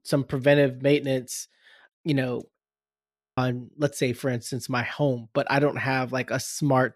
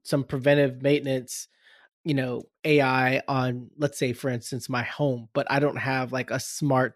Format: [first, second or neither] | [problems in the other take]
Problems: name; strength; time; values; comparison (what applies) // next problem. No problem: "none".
second | audio freezing; at 2.5 s for 1 s